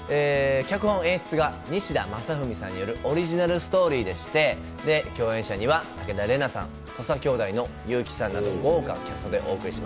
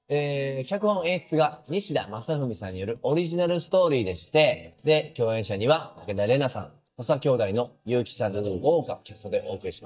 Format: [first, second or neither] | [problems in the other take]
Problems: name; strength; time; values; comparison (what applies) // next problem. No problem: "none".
first | noise reduction (neural mask model DeepFilterNet 3)